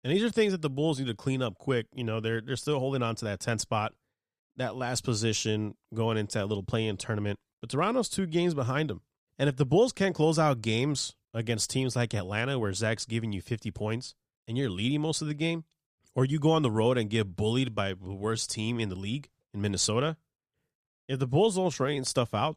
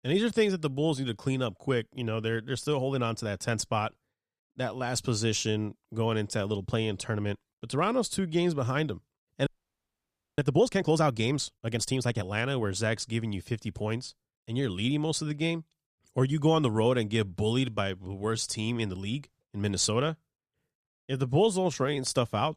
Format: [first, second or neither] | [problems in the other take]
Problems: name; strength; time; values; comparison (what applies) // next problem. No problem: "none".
first | audio freezing; at 9.5 s for 1 s